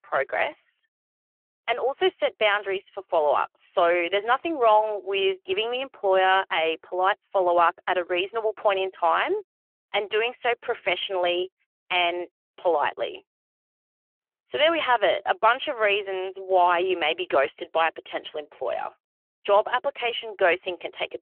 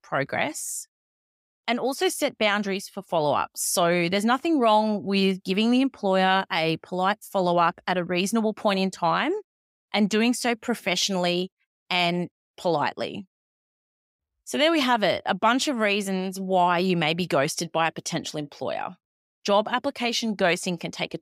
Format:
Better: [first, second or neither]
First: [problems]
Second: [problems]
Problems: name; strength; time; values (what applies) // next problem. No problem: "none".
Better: second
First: phone-call audio; nothing above 3 kHz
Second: none